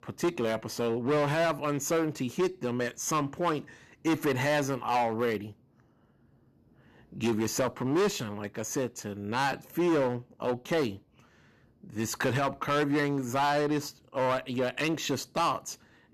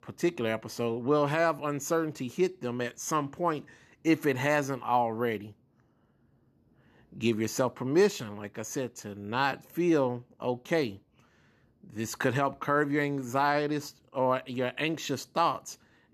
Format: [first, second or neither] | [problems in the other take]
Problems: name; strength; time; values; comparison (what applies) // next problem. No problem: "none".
second | distortion; heavy; 9% of the sound clipped